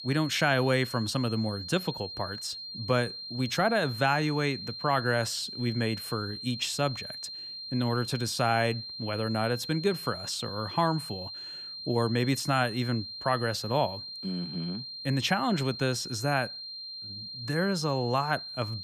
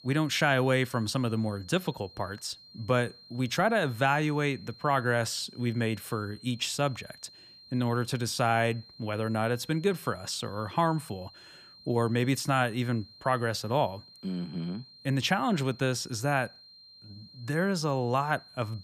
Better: second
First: high-pitched whine; loud; throughout; 4 kHz, 8 dB below the speech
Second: high-pitched whine; faint; throughout; 4 kHz, 20 dB below the speech

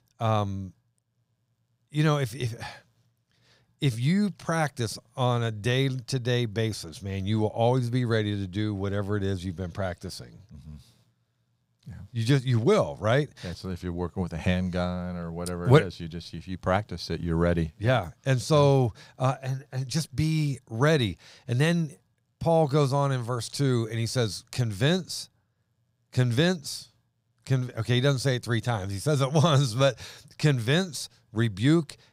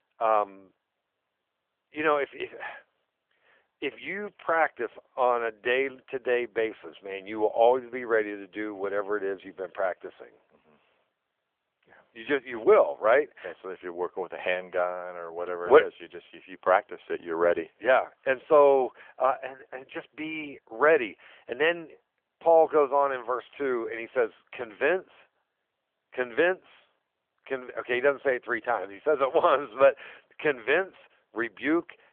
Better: first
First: none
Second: phone-call audio; nothing above 3.5 kHz

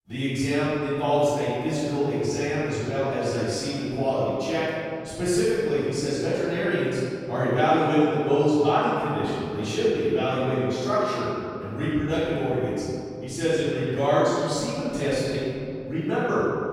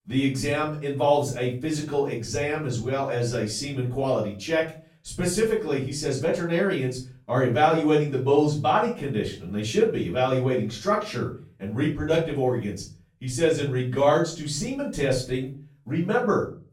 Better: second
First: room echo; strong; dies away in 2.6 s // off-mic speech; far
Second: room echo; slight; dies away in 0.3 s // off-mic speech; far

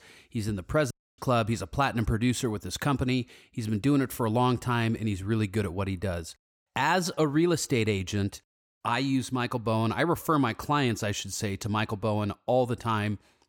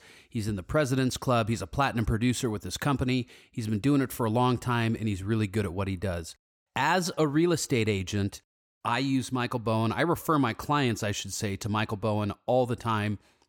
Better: second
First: audio cutting out; at 1 s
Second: none

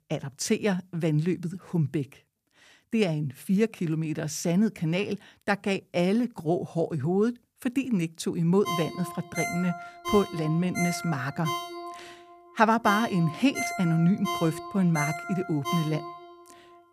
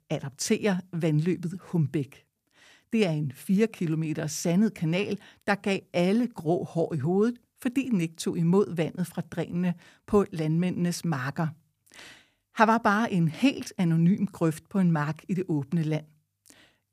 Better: second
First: phone ringing; noticeable; from 8.5 to 16 s; peak 4 dB below the speech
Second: none

